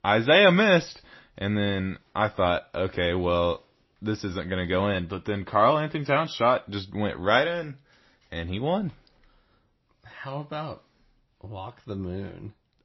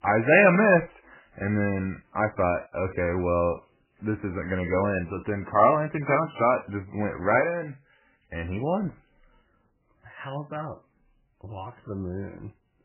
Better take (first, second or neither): first